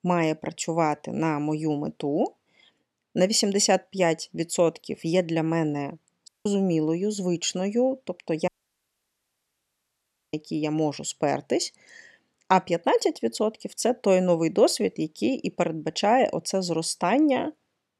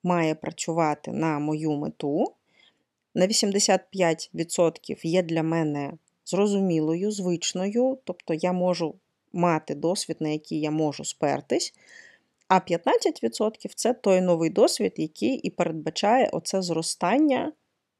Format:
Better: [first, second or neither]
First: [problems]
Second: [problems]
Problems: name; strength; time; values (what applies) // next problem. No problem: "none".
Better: second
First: audio cutting out; at 6.5 s and at 8.5 s for 2 s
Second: none